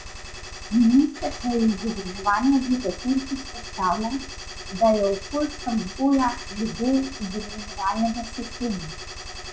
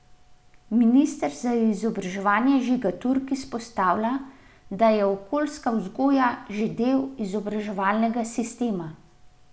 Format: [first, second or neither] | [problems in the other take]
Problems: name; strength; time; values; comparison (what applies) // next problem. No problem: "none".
second | noise reduction (classical method log-MMSE)